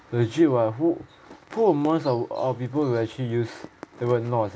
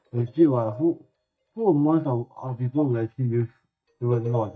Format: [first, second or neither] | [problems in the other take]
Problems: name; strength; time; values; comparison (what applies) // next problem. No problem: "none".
first | noise reduction (neural mask model DeepFilterNet 3)